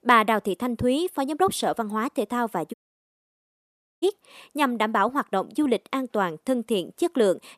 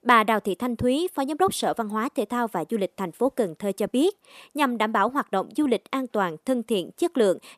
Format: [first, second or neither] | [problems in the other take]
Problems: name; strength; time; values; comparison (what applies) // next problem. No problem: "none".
second | audio cutting out; at 2.5 s for 1.5 s